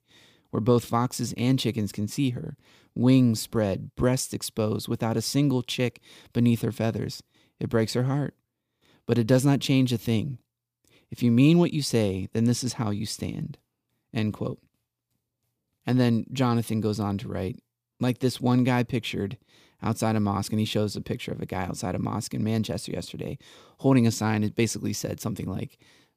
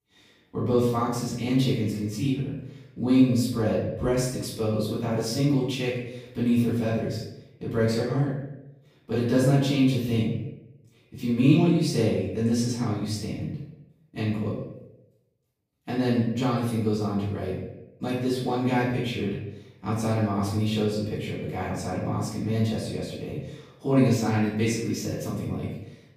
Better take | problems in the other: first | off-mic speech; far // room echo; noticeable; dies away in 0.8 s

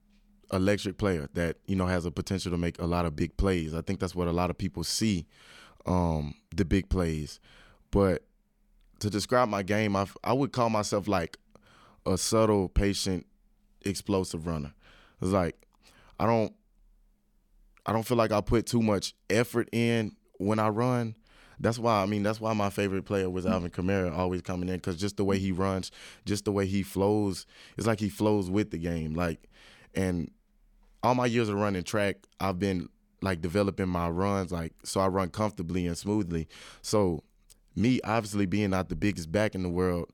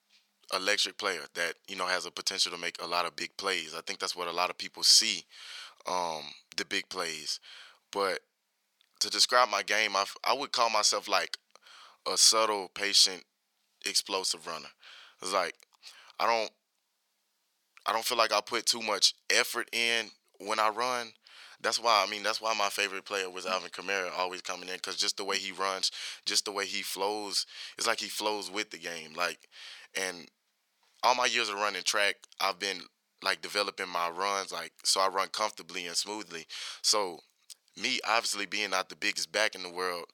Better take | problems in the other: first | thin; very; fading below 800 Hz

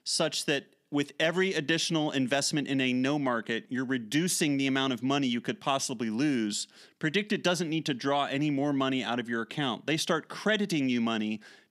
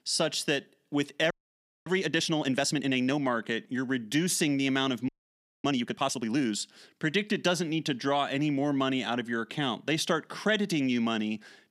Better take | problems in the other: first | audio freezing; at 1.5 s for 0.5 s and at 5 s for 0.5 s

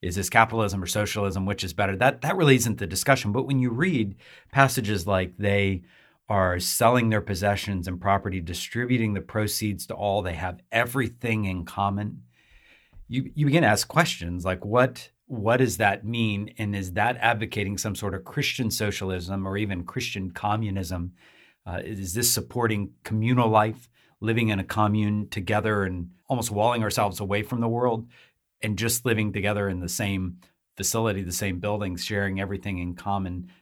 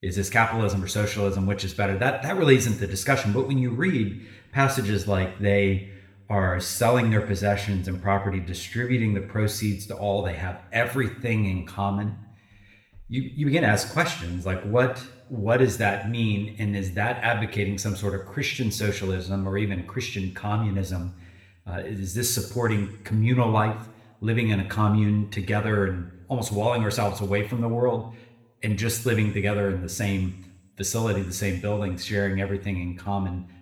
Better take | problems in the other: first | room echo; slight; dies away in 0.7 s

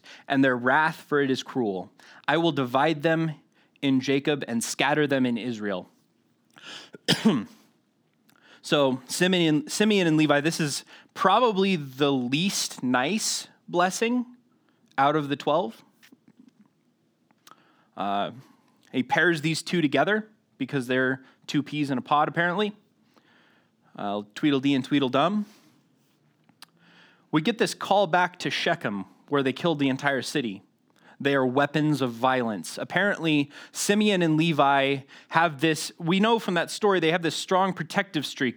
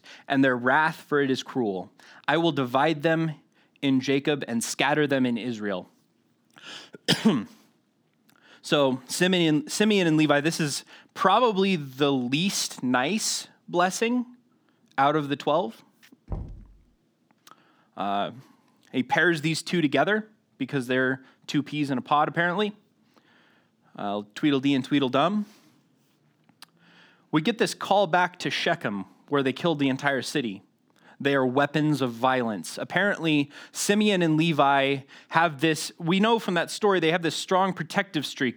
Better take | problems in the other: first | door banging; faint; at 16 s; peak 15 dB below the speech

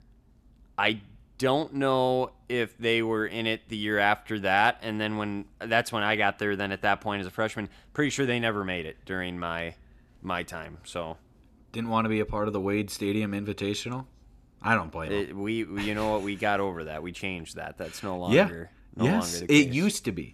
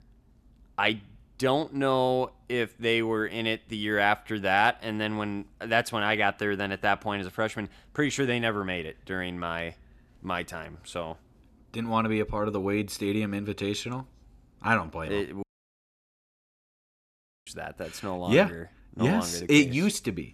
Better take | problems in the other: first | audio cutting out; at 15 s for 2 s

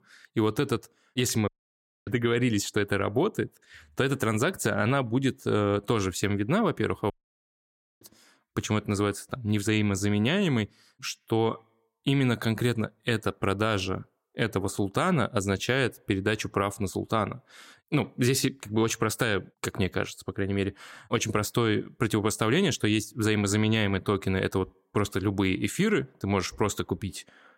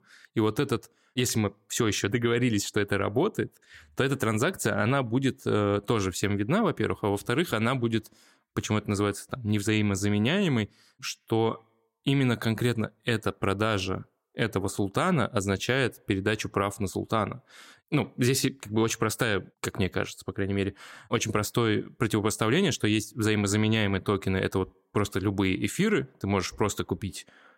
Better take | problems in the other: second | audio cutting out; at 1.5 s for 0.5 s and at 7 s for 1 s

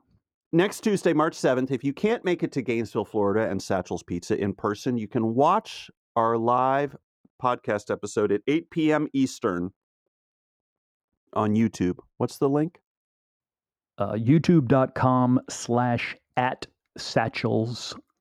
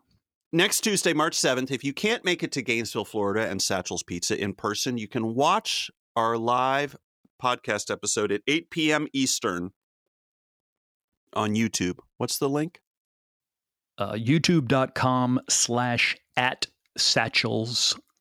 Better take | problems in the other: second | muffled; slightly; fading above 2 kHz

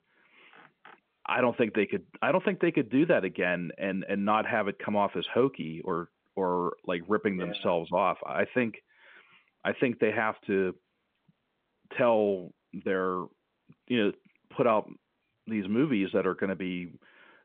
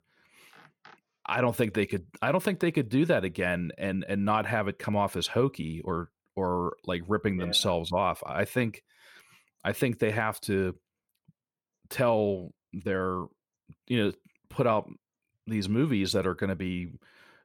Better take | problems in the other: second | phone-call audio; nothing above 3.5 kHz

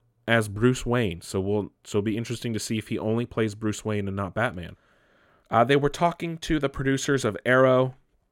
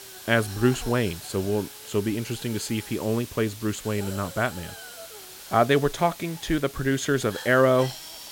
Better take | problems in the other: first | hiss; noticeable; throughout; 15 dB below the speech

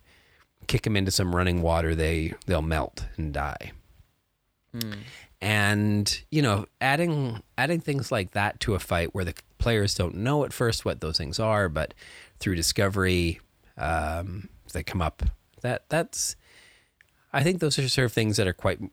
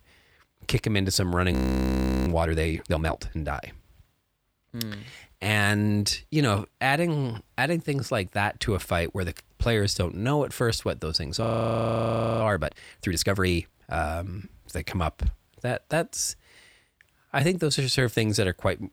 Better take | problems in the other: first | audio freezing; at 1.5 s for 0.5 s and at 11 s for 1 s

